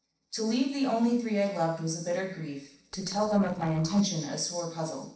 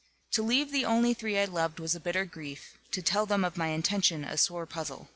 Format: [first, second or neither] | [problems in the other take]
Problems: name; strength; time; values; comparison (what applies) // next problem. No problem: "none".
second | noise reduction (neural separator model SepFormer DNS4)